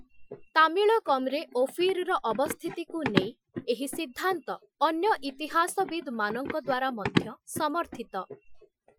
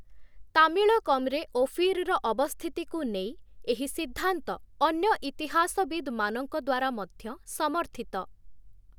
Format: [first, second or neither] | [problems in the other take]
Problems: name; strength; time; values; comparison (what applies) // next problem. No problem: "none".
second | noise reduction (classical method Wiener filter)